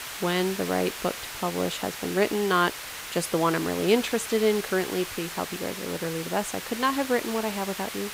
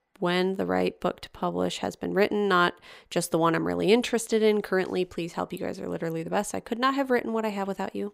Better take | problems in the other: second | hiss; loud; throughout; 8 dB below the speech

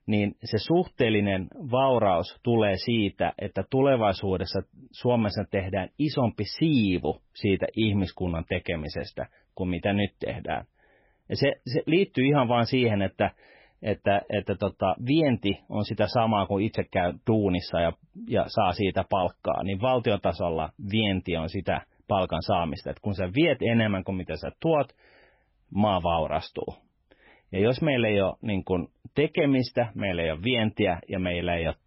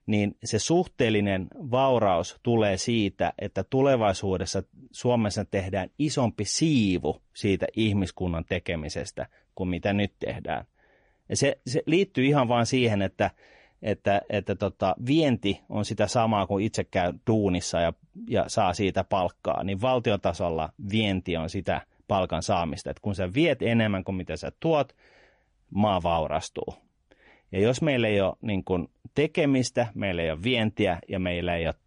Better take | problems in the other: second | garbled, watery; badly; nothing above 5.5 kHz; slightly in the second

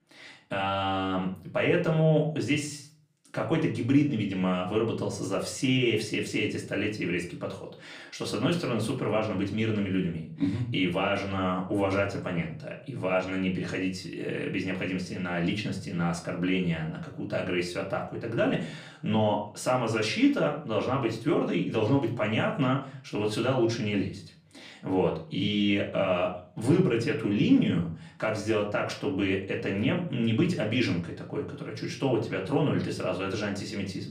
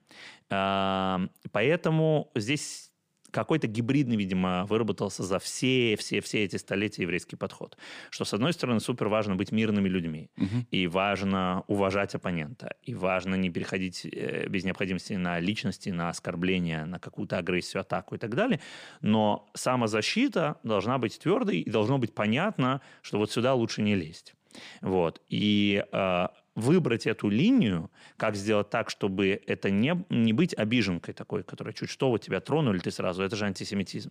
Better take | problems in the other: second | off-mic speech; far // room echo; slight; dies away in 0.4 s

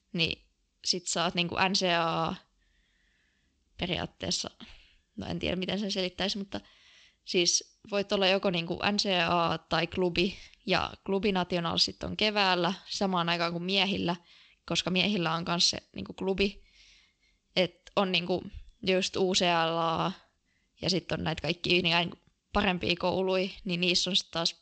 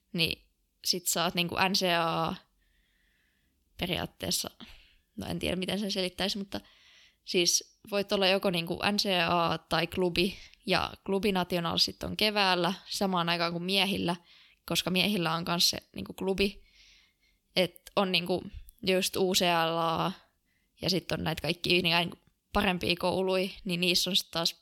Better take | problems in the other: second | garbled, watery; slightly; nothing above 8 kHz

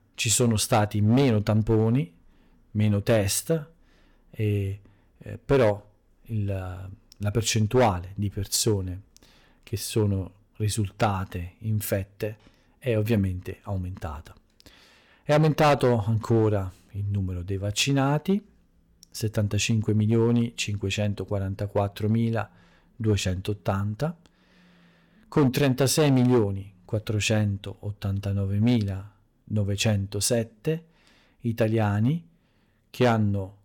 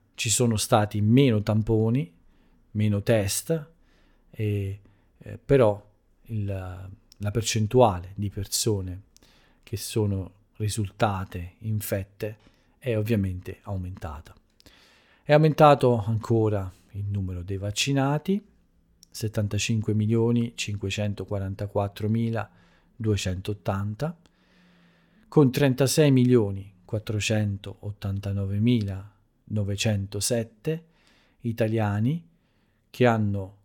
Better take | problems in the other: second | distortion; slight; 3% of the sound clipped

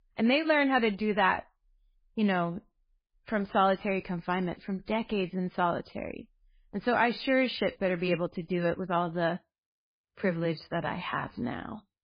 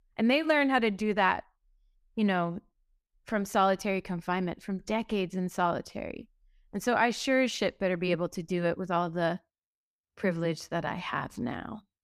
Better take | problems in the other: second | garbled, watery; badly; nothing above 4.5 kHz

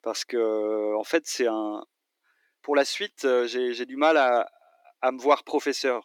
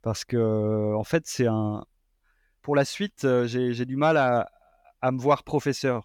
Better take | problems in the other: second | thin; somewhat; fading below 300 Hz

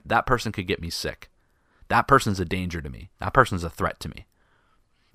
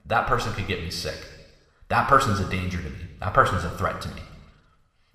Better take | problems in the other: first | room echo; slight; dies away in 1.1 s

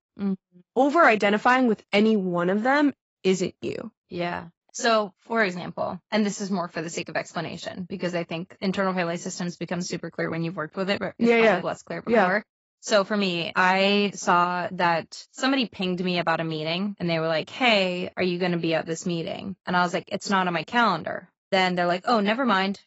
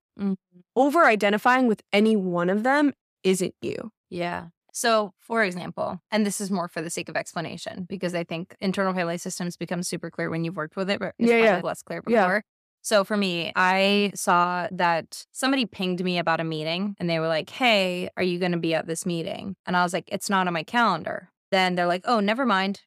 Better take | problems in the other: second | garbled, watery; badly; nothing above 7.5 kHz

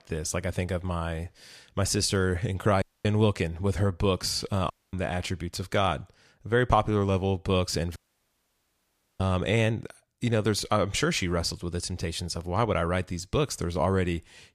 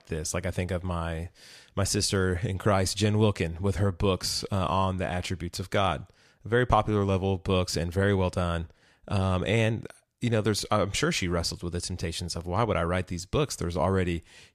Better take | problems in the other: second | audio cutting out; at 3 s, at 4.5 s and at 8 s for 1 s

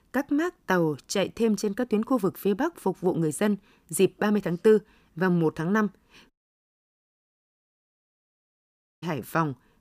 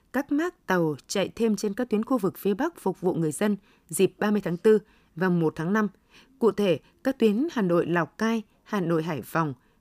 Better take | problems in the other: second | audio cutting out; at 6.5 s for 2.5 s

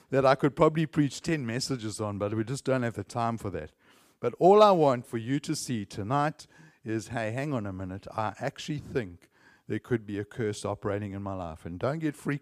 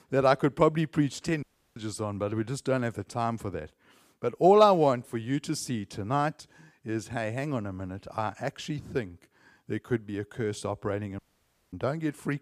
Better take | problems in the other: first | audio cutting out; at 1.5 s and at 11 s for 0.5 s

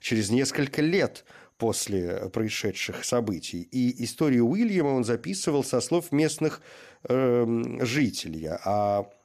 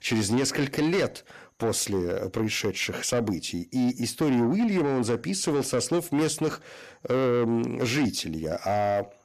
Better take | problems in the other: first | distortion; slight; 10 dB below the speech

